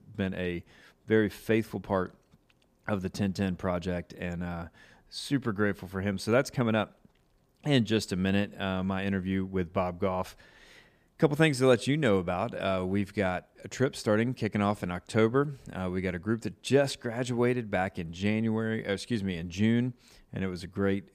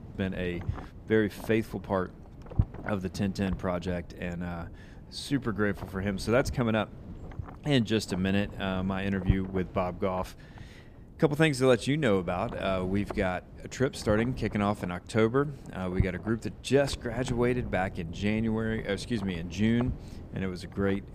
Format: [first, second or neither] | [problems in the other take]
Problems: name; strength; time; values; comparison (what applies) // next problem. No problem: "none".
first | wind noise on the microphone; occasional gusts; 15 dB below the speech